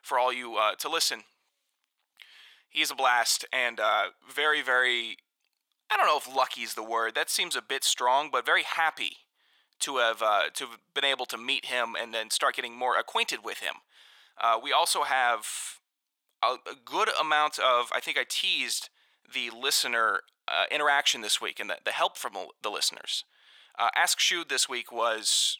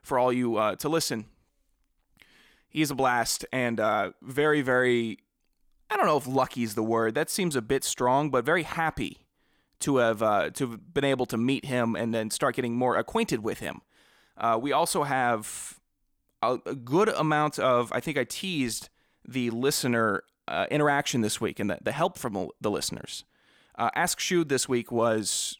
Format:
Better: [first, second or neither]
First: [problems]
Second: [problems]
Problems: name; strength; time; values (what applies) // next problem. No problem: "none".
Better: second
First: thin; very; fading below 850 Hz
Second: none